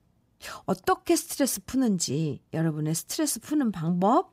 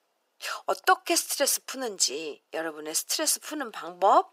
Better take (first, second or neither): first